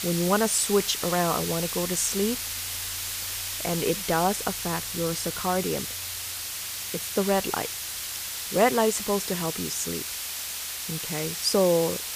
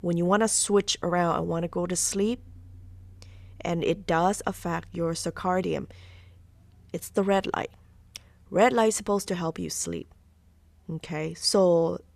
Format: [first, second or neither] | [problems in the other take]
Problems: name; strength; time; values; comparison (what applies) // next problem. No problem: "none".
second | hiss; loud; throughout; 4 dB below the speech